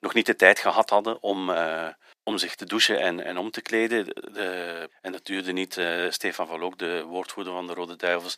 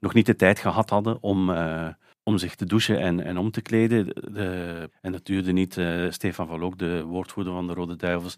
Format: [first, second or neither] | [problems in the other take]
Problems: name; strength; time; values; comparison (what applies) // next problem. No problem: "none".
second | thin; very; fading below 350 Hz